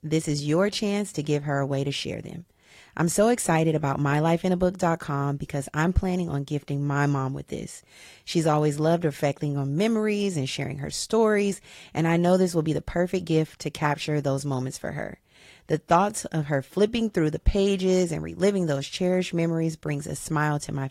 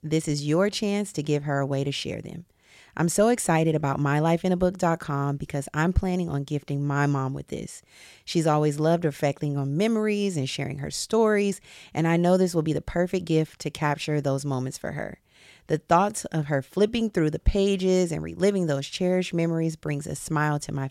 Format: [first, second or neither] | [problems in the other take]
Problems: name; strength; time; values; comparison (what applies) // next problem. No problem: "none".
second | garbled, watery; slightly